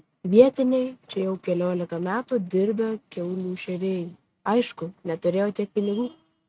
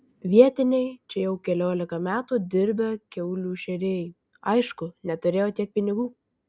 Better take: second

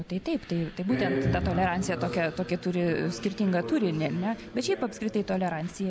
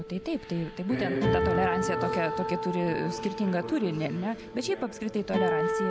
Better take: first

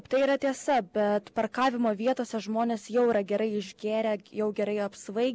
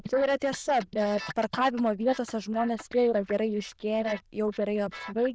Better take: first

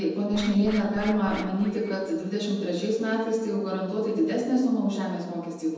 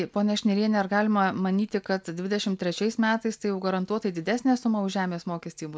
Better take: second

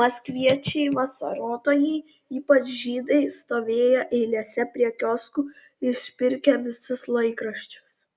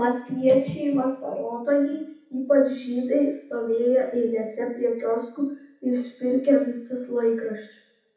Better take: first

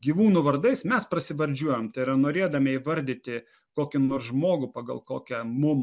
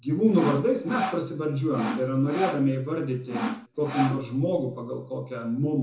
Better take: first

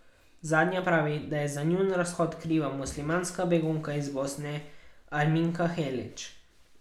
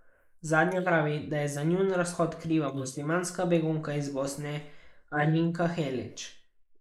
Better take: first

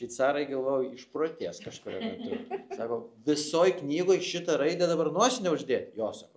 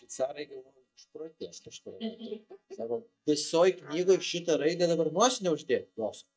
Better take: first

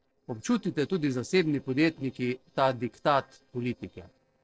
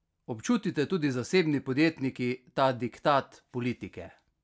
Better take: second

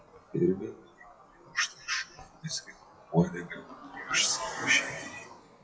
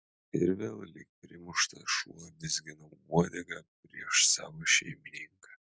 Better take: second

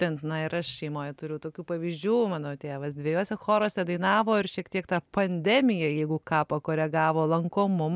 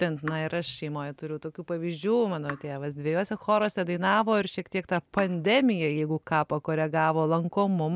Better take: first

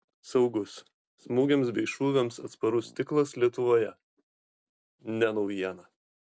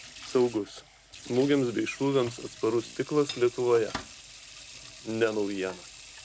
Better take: first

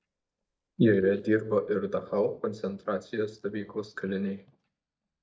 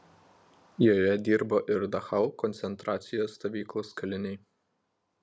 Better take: second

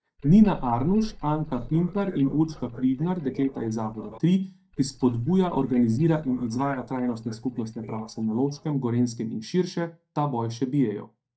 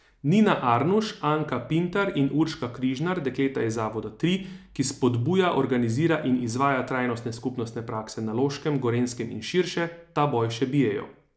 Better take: second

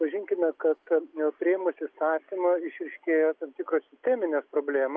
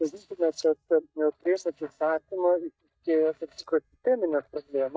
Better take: first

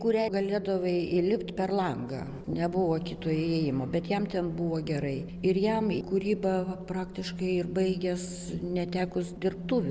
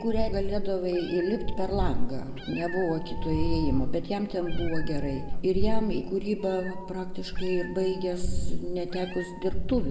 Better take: first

